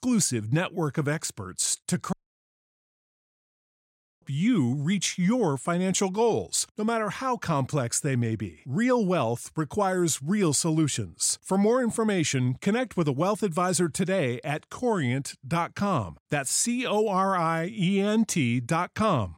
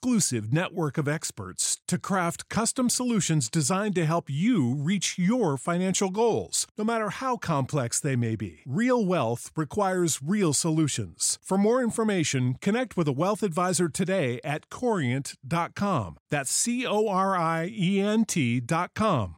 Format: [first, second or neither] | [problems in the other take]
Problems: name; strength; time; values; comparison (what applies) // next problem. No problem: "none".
second | audio cutting out; at 2 s for 2 s